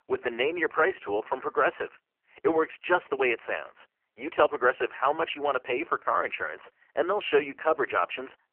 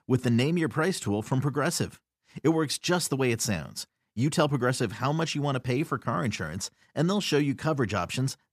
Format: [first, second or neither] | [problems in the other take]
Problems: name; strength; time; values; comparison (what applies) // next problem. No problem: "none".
second | phone-call audio; poor line; nothing above 3 kHz